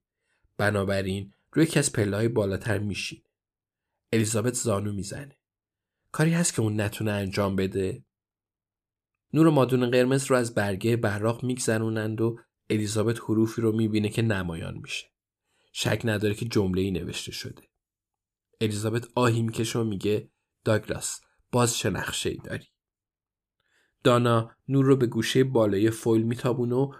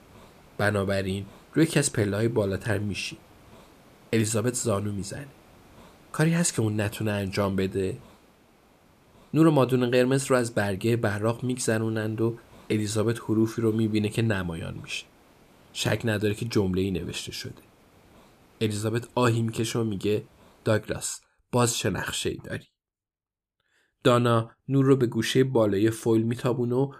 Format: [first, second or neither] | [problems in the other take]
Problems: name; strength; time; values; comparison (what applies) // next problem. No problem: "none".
first | hiss; faint; until 21 s; 30 dB below the speech